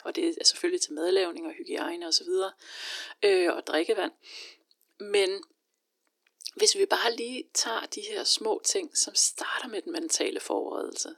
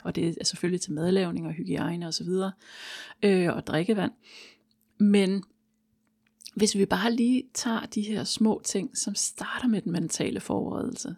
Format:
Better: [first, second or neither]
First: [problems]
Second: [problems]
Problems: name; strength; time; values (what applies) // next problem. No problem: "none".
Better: second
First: thin; very; fading below 300 Hz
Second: none